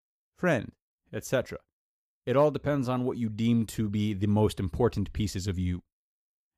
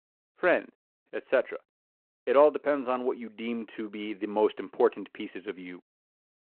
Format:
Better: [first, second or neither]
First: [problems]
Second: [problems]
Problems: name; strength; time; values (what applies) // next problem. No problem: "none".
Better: first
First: none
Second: phone-call audio